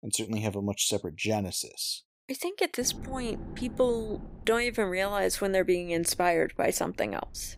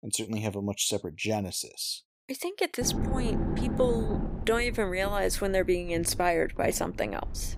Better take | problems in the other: first | low rumble; loud; from 3 s on; 10 dB below the speech; faint in the first

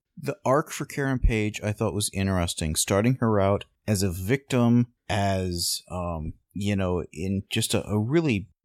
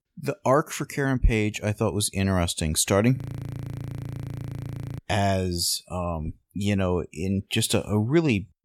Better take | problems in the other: first | audio freezing; at 3 s for 2 s

